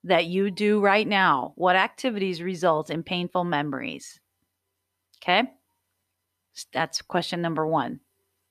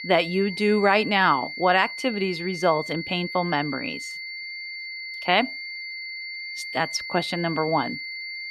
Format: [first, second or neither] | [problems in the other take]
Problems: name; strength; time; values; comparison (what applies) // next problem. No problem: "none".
first | high-pitched whine; loud; throughout; 2 kHz, 8 dB below the speech